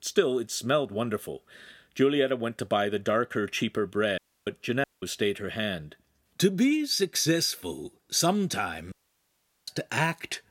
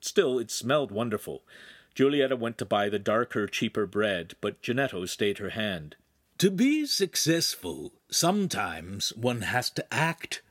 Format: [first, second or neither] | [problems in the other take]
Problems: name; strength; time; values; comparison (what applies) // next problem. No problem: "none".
second | audio cutting out; at 4 s, at 5 s and at 9 s for 1 s